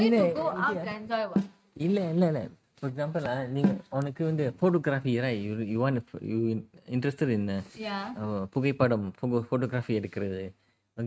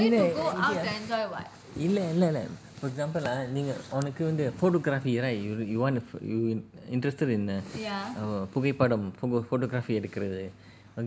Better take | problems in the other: second | noise reduction (neural mask model RNNoise)

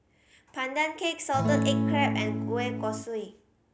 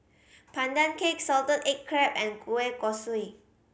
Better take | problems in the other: second | background sound (Acoustic guitar / Strum); 3 dB above the speech

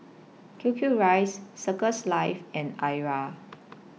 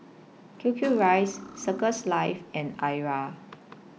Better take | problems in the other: first | background sound (Cutlery, silverware); 13 dB below the speech

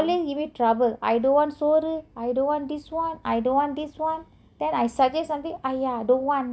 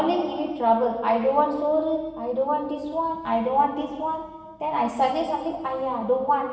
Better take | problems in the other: first | room echo; dies away in 1.3 s

